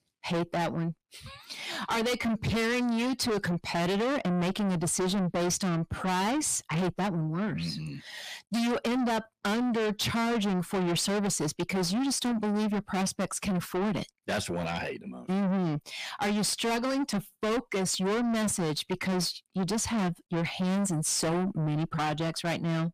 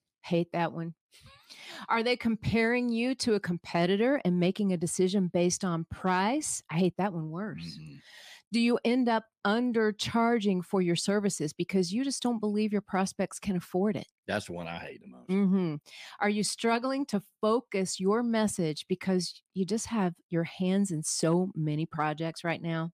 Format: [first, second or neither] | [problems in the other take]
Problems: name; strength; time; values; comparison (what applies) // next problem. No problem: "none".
second | distortion; heavy; 5 dB below the speech